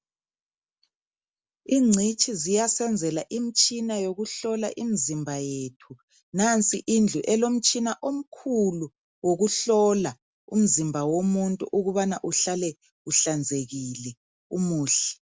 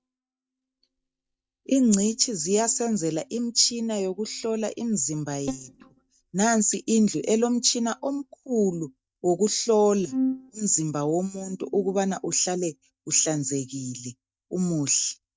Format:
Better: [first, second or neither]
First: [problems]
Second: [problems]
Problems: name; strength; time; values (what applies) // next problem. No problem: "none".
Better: first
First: none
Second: noise reduction (neural mask model DeepFilterNet 3)